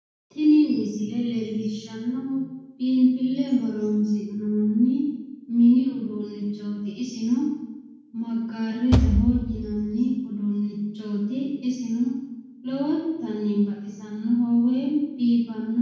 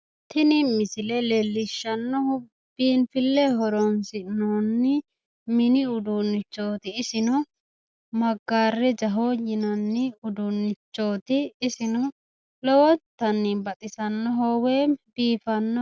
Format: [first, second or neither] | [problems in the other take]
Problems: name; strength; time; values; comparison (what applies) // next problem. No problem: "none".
second | background sound (Bass drum / Thump, thud); as loud as the speech // room echo; dies away in 1.1 s